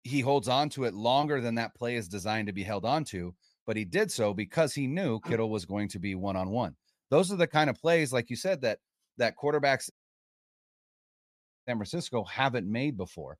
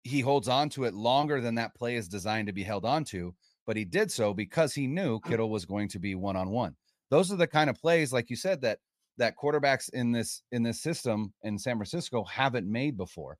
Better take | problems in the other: second | audio cutting out; at 10 s for 2 s

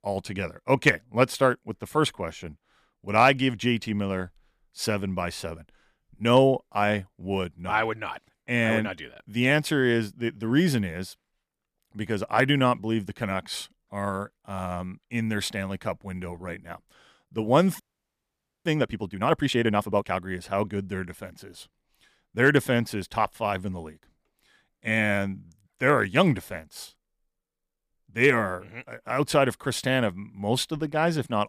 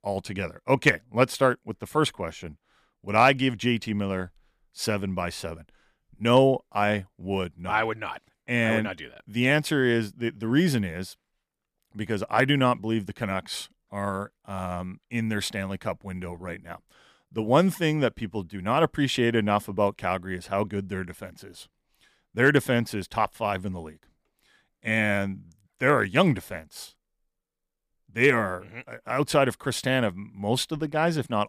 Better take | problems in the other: second | audio freezing; at 18 s for 1 s

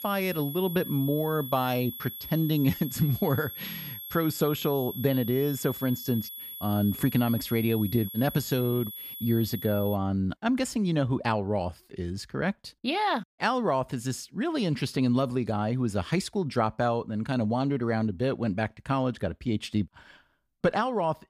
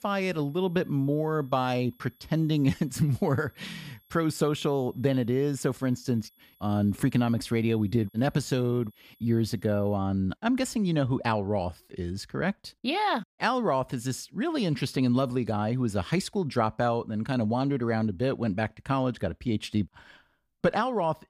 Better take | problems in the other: second | high-pitched whine; loud; until 10 s; 11.5 kHz, 9 dB below the speech; faint in the second

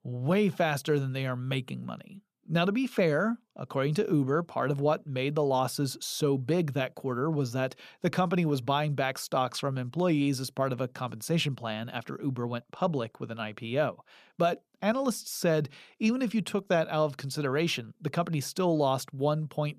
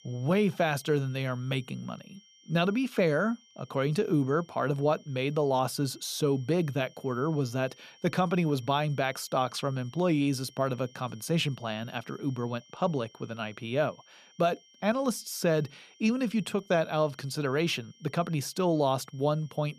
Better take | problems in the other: first | high-pitched whine; faint; throughout; 3 kHz, 25 dB below the speech

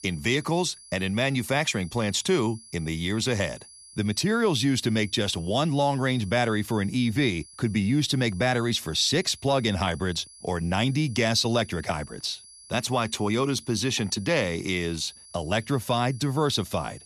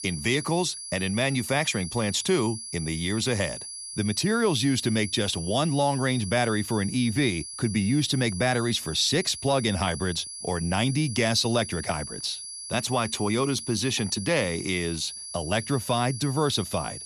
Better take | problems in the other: first | high-pitched whine; loud; throughout; 10 kHz, 9 dB below the speech; faint in the first

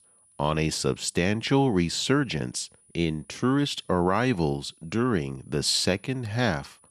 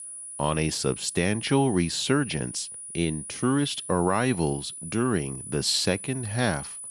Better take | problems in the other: first | high-pitched whine; loud; throughout; 10 kHz, 10 dB below the speech; faint in the first

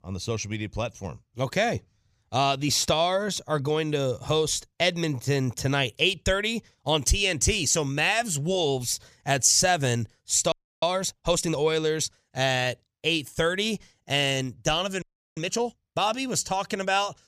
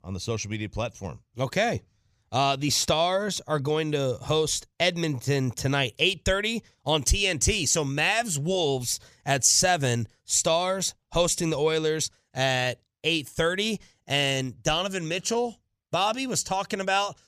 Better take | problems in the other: second | audio freezing; at 11 s and at 15 s

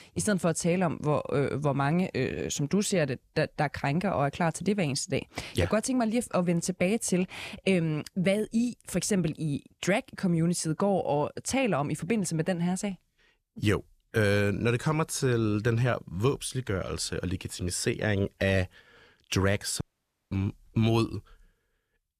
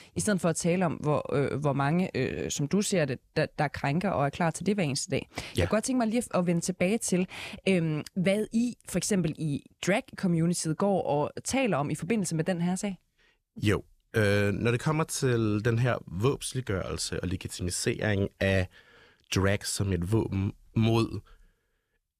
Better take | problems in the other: second | audio cutting out; at 20 s for 0.5 s

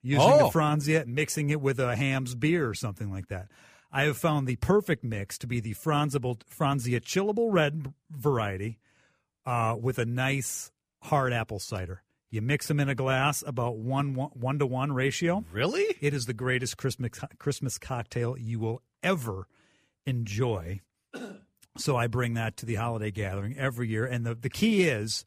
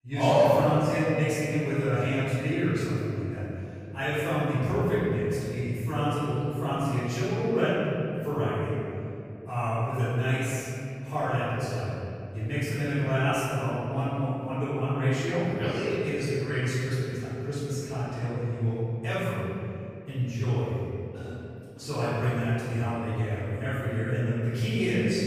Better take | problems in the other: first | off-mic speech; far // room echo; strong; dies away in 2.7 s

